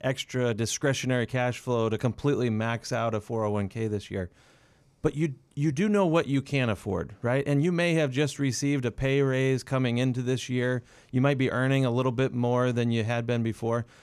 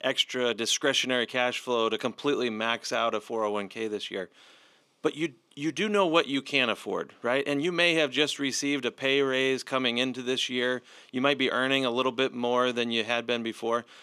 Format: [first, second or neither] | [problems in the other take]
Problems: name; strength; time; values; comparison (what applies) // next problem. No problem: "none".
first | thin; somewhat; fading below 250 Hz